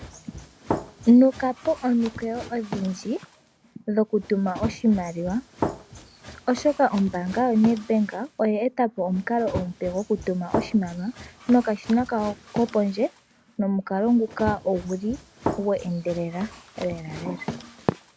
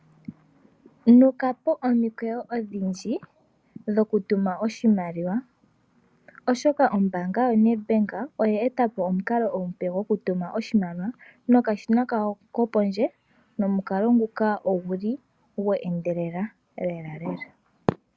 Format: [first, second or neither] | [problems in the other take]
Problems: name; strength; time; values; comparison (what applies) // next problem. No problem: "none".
second | background sound (Run); 12 dB below the speech